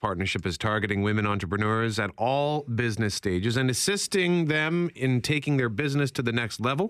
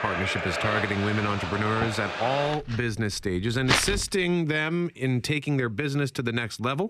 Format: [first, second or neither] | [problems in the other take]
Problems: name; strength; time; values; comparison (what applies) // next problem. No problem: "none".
first | household noises; loud; until 4 s; 2 dB below the speech